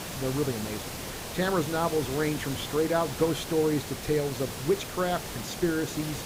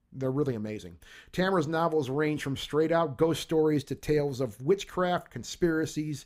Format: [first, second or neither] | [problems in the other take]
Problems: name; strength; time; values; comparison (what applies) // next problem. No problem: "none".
second | hiss; loud; throughout; 7 dB below the speech